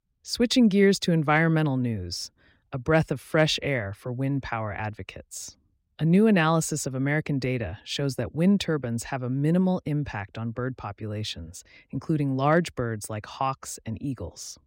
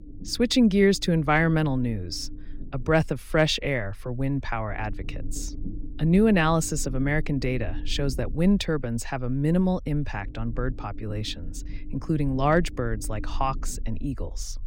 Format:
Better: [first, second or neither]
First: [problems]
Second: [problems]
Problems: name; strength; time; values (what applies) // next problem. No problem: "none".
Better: first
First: none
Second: low rumble; faint; throughout; 20 dB below the speech